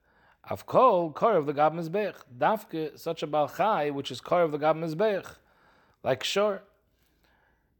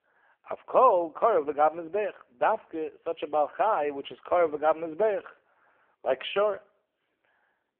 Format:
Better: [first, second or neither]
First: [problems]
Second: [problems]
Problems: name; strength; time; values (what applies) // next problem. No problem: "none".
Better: first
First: none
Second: phone-call audio; poor line; nothing above 3.5 kHz